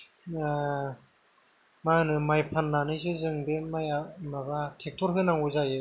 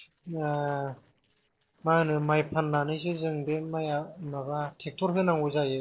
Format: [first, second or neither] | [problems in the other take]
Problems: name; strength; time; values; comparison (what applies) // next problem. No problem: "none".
first | noise reduction (neural separator model SepFormer DNS4)